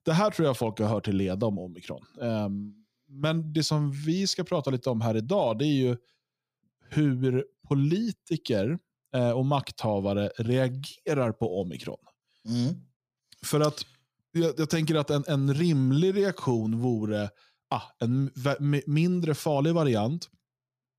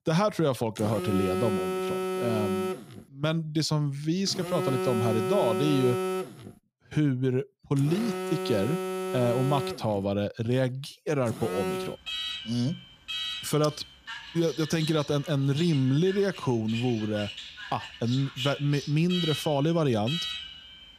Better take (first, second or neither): first